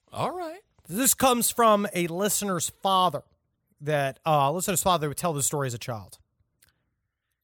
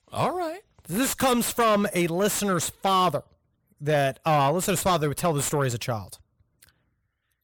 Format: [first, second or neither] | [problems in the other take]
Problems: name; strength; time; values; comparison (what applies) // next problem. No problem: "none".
first | distortion; heavy; 7 dB below the speech